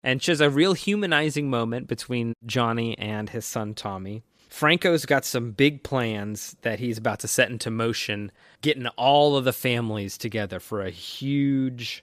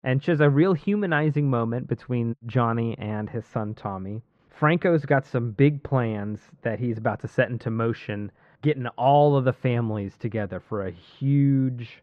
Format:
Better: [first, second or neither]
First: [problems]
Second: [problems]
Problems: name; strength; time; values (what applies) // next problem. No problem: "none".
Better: first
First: none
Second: muffled; very; fading above 1.5 kHz